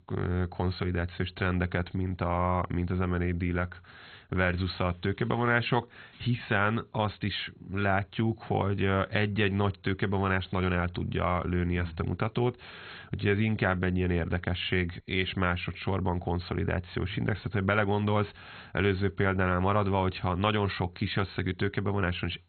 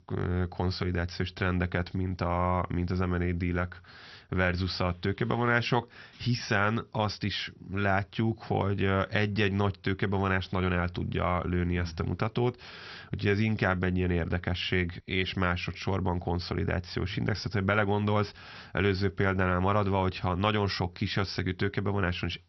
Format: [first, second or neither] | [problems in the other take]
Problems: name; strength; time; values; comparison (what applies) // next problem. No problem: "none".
second | garbled, watery; badly; nothing above 4 kHz; slightly in the second